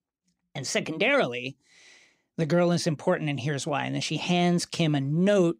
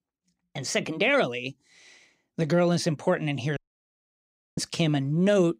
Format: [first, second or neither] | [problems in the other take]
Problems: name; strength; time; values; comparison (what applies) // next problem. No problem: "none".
first | audio cutting out; at 3.5 s for 1 s